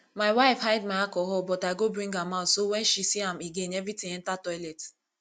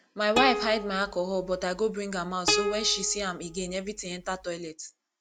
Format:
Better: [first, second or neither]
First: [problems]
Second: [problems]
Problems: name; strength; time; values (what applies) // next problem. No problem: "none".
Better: first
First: none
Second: background sound (Plucked string instrument); 6 dB below the speech